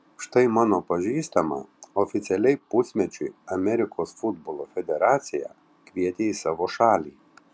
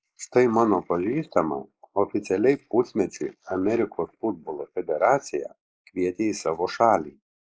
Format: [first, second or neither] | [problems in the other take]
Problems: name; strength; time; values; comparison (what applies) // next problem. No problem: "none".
first | noise reduction (neural mask model Resemble Enhance denoiser)